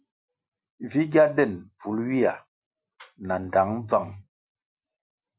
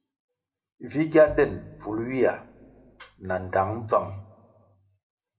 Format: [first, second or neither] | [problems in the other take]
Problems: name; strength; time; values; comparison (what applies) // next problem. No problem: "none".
first | background sound (Bowed string instrument); 20 dB below the speech // room echo; dies away in 0.5 s